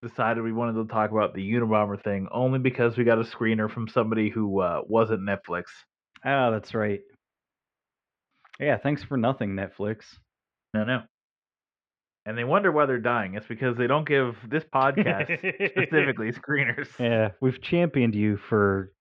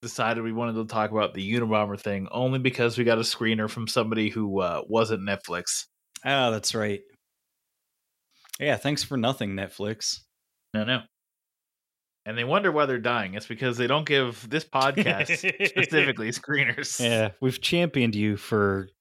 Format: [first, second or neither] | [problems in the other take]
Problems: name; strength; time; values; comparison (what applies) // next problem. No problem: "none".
second | muffled; very; fading above 2 kHz